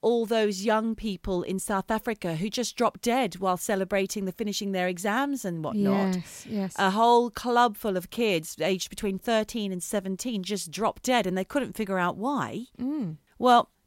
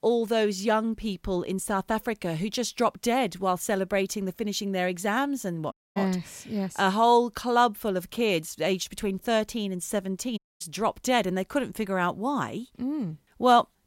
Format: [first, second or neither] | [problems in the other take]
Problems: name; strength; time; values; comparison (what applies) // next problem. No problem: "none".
first | audio cutting out; at 5.5 s and at 10 s